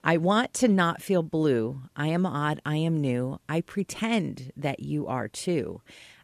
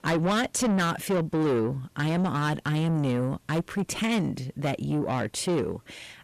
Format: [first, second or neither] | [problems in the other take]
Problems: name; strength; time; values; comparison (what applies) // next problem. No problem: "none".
first | distortion; heavy; 8 dB below the speech